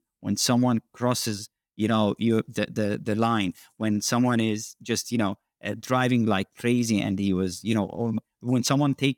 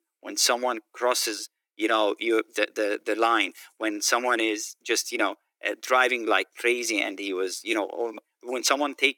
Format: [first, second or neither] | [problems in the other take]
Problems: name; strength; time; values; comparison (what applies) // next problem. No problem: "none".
first | thin; very; fading below 300 Hz